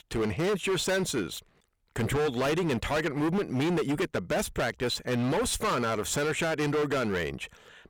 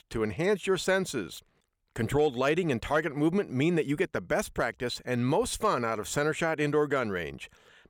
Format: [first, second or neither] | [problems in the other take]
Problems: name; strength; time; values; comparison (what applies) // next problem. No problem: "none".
second | distortion; heavy; 22% of the sound clipped